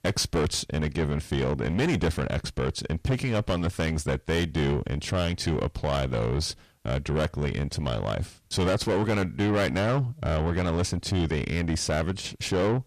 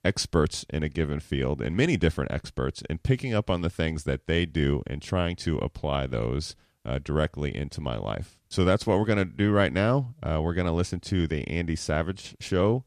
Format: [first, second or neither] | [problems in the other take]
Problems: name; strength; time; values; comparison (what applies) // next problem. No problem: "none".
second | distortion; heavy; 6 dB below the speech